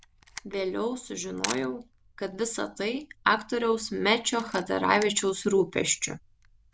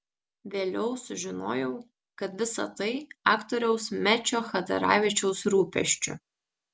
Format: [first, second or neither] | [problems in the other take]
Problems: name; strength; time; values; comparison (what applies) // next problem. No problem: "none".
second | background sound (Camera); 17 dB below the speech